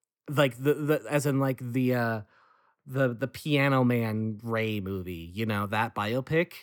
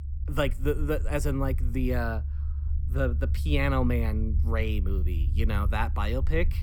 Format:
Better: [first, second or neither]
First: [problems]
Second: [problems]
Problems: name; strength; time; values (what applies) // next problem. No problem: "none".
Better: first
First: none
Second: low rumble; noticeable; throughout; 15 dB below the speech